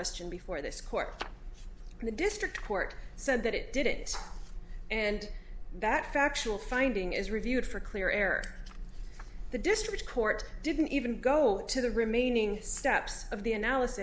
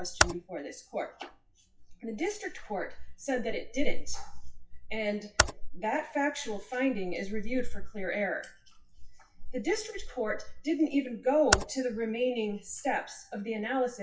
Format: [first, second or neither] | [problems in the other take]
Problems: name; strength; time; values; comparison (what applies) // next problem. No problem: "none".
first | noise reduction (classical method WPE with log-MMSE)